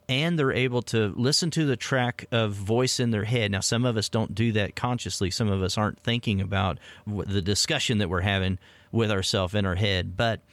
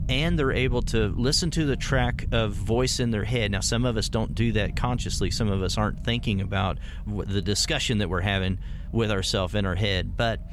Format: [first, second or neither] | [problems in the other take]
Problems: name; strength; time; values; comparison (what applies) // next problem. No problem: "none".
first | low rumble; faint; throughout; 20 dB below the speech